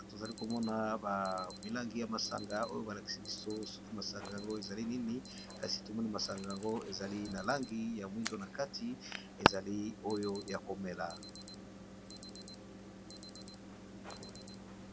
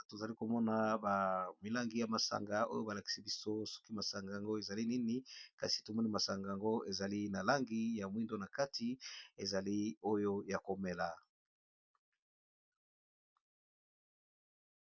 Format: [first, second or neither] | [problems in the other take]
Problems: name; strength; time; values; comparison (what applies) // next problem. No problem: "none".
second | background sound (Alarm); 4 dB below the speech